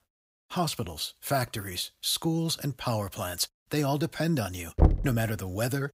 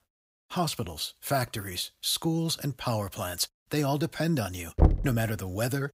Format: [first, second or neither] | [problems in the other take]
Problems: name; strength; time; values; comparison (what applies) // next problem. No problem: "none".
neither | door banging; loud; at 5 s; peak 5 dB above the speech; the same in both